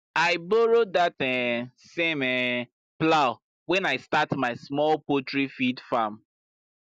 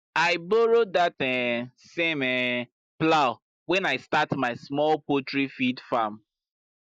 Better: first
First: none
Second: noise reduction (neural mask model Resemble Enhance denoiser)

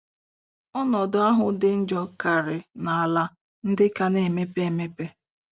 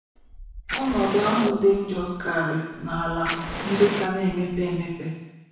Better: first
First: none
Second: background sound (Fire); 9 dB below the speech // room echo; dies away in 1 s

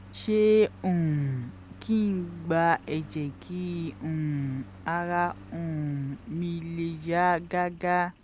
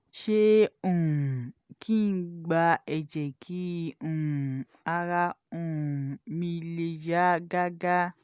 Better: second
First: background sound (Engine); 19 dB below the speech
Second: none

